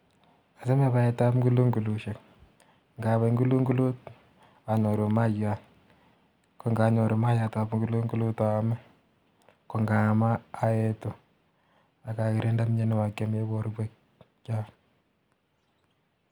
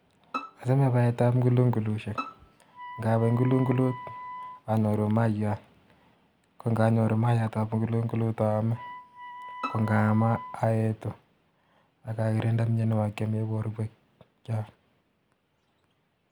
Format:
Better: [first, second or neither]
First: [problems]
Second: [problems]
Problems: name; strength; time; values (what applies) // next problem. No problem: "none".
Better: first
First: none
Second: background sound (Wind instrument, woodwind instrument + Bowed string instrument); 15 dB below the speech